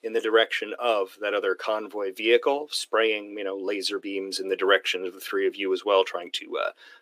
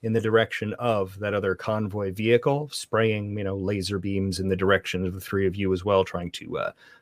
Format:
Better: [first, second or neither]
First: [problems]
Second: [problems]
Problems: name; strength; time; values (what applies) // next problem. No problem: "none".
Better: second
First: thin; somewhat; fading below 300 Hz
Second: none